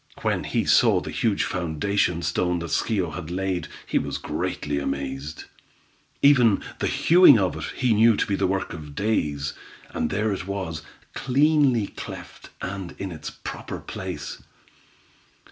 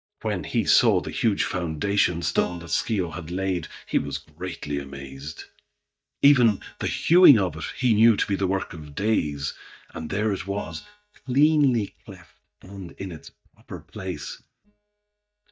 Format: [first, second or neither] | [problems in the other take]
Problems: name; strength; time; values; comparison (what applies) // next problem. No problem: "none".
first | noise reduction (neural mask model DeepFilterNet 3)